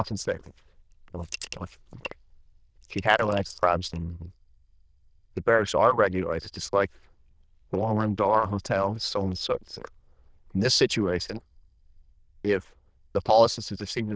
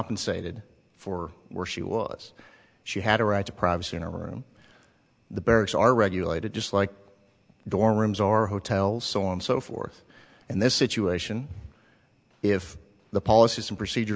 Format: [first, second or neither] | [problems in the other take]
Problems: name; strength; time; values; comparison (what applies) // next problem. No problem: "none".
second | noise reduction (neural diffusion model UNIVERSE++)